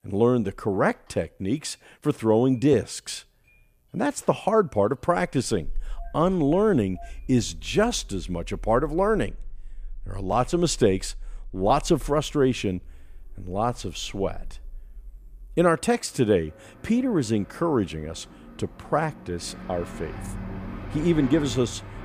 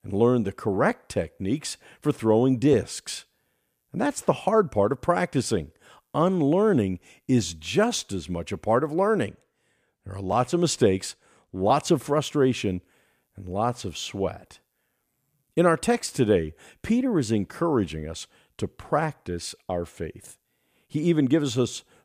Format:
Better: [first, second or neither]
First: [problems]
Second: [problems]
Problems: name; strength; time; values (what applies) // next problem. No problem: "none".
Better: second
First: traffic noise; noticeable; throughout; 15 dB below the speech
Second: none